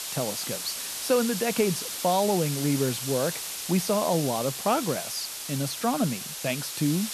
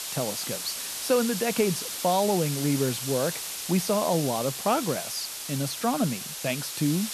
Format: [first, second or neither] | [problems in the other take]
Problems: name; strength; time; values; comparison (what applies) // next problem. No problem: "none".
neither | hiss; loud; throughout; 4 dB below the speech; the same in both